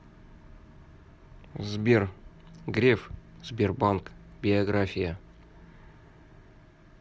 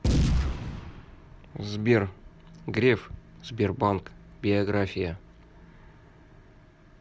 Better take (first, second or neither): first